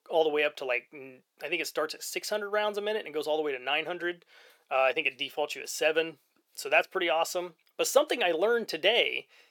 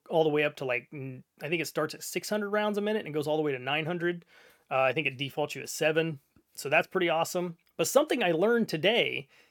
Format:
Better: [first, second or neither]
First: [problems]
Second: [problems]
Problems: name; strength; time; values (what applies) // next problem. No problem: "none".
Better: second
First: thin; somewhat; fading below 500 Hz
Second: none